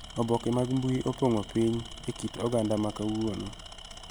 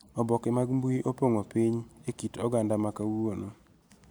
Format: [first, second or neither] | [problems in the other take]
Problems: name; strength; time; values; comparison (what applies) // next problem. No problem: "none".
second | background sound (Tools); 14 dB below the speech